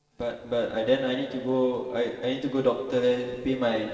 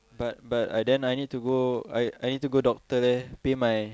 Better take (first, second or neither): second